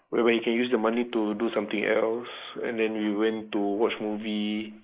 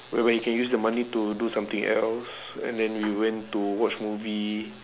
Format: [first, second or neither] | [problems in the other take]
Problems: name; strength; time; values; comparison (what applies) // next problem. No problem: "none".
second | noise reduction (neural mask model Resemble Enhance denoiser)